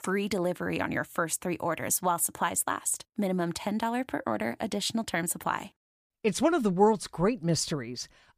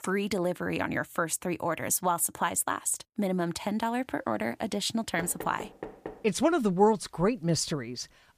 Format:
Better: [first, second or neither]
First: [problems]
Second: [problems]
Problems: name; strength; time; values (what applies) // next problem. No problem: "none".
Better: first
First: none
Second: door banging; faint; at 5 s; peak 10 dB below the speech